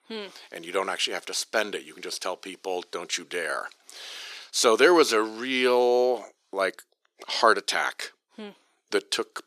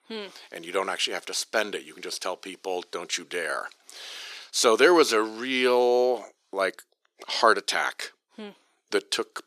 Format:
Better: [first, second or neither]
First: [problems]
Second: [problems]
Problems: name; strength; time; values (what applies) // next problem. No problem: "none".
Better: neither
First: thin; very; fading below 400 Hz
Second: thin; very; fading below 400 Hz